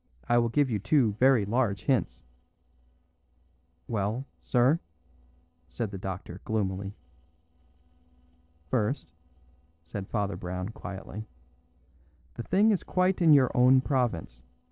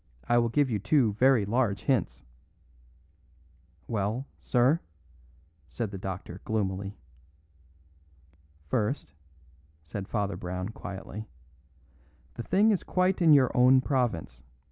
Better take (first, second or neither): second